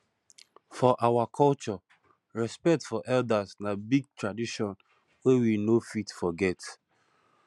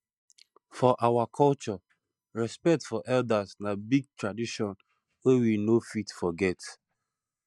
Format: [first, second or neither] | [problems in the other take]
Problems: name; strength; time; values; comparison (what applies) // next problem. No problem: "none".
first | noise reduction (neural mask model DeepFilterNet 3)